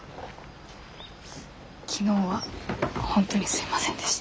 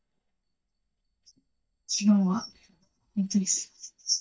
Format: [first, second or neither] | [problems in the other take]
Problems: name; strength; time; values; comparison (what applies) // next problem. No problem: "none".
first | noise reduction (neural mask model DeepFilterNet 3)